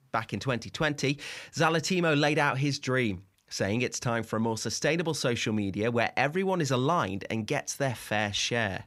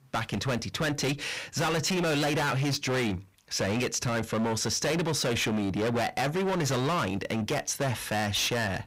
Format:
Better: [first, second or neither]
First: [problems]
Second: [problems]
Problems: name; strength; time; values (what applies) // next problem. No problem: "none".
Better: first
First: none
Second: distortion; heavy; 29% of the sound clipped